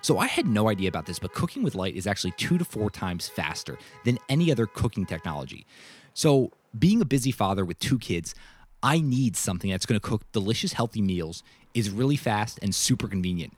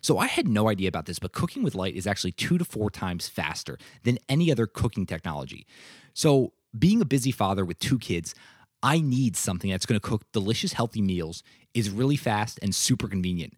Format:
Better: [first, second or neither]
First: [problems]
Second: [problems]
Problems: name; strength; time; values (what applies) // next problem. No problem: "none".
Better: second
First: traffic noise; faint; throughout; 30 dB below the speech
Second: none